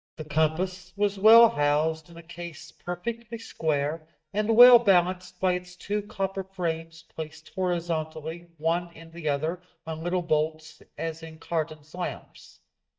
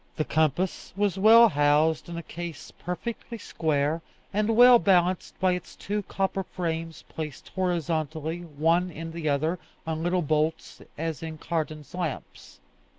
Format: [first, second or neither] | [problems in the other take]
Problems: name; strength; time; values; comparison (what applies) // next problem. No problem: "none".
second | noise reduction (neural mask model DeepFilterNet 3)